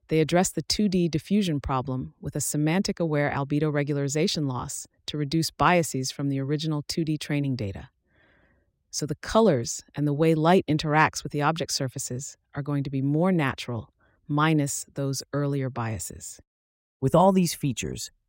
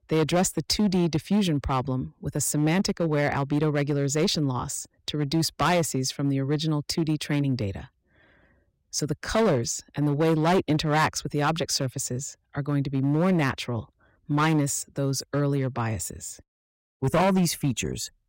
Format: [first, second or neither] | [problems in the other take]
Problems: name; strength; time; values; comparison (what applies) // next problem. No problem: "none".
first | distortion; slight; 7% of the sound clipped